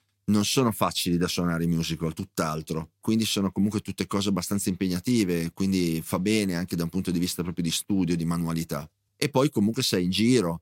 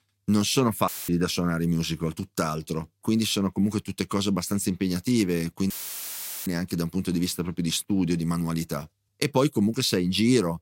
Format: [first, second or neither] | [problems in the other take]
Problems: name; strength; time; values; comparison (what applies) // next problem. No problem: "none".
first | audio cutting out; filled with static; at 1 s and at 5.5 s for 1 s